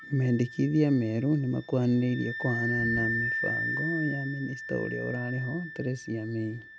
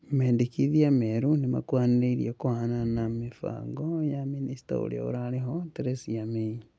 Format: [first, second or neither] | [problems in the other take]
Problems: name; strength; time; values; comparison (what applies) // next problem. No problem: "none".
second | background sound (Wind instrument, woodwind instrument); 7 dB below the speech